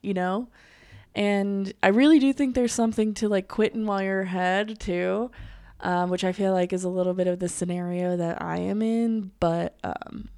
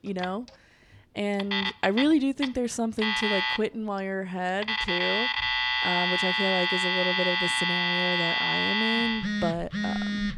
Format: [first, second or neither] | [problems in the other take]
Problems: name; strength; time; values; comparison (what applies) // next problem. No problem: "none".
first | alarms or sirens; very loud; throughout; 4 dB above the speech